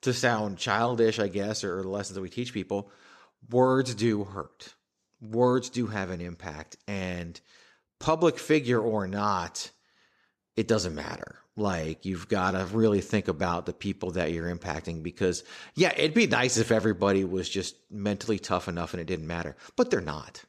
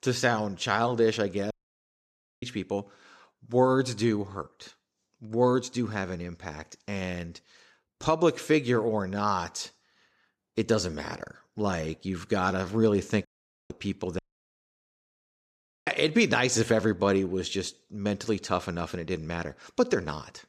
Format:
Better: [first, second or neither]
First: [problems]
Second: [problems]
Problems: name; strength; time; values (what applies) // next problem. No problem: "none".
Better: first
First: none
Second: audio cutting out; at 1.5 s for 1 s, at 13 s and at 14 s for 1.5 s